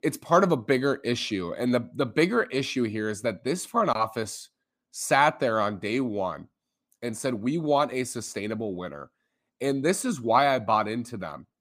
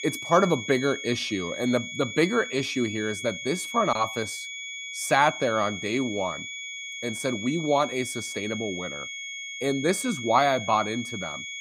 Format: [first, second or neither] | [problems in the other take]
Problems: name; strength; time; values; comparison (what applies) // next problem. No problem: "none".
first | high-pitched whine; loud; throughout; 2 kHz, 8 dB below the speech